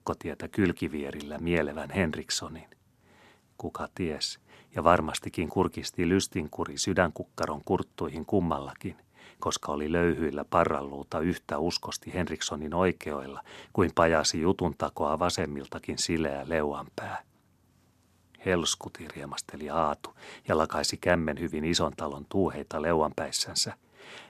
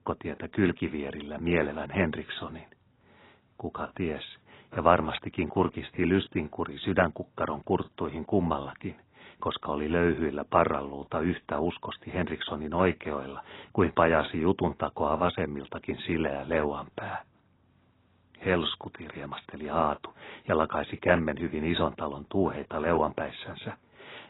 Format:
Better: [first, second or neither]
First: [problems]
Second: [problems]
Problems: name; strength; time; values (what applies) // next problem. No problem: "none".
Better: first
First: none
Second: garbled, watery; badly; nothing above 4 kHz